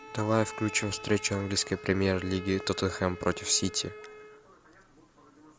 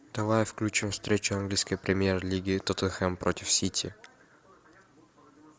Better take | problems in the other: second | background sound (Bowed string instrument); 15 dB below the speech

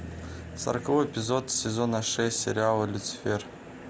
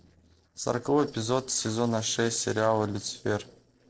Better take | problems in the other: first | noise reduction (neural separator model SepFormer DNS4)

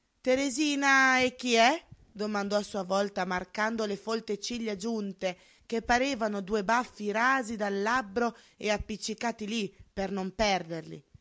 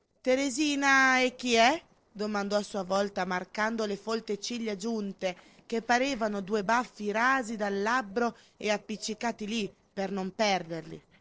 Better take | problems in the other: first | noise reduction (neural separator model SepFormer DNS4)

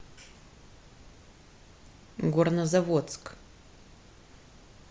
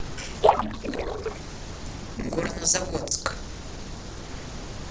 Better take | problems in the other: first | noise reduction (neural separator model SepFormer DNS4)

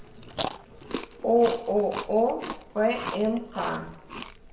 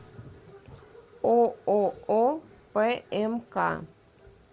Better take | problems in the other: second | background sound (Chewing, mastication); 11 dB below the speech // room echo; dies away in 0.7 s

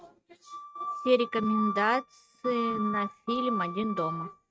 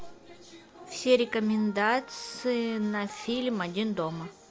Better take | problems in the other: second | noise reduction (neural mask model RNNoise)

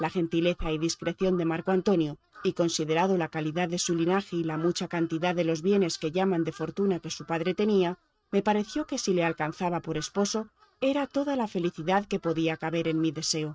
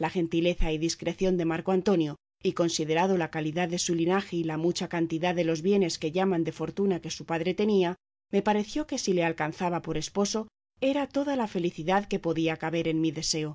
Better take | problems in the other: second | noise reduction (neural mask model RNNoise)

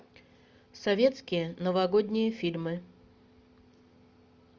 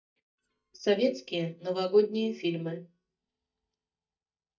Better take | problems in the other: first | noise reduction (neural mask model DeepFilterNet 3)

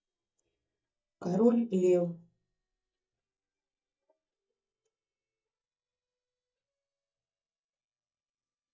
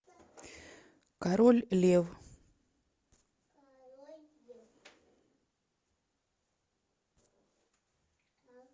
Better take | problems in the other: second | noise reduction (neural mask model DeepFilterNet 3)

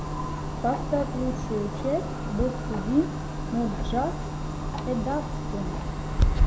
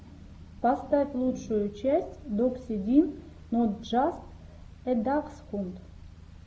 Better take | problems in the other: second | background sound (Clock); 2 dB above the speech

